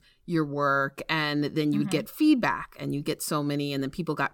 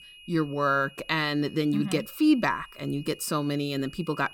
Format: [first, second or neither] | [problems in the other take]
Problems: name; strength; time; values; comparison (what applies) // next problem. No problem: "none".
first | high-pitched whine; faint; throughout; 3 kHz, 20 dB below the speech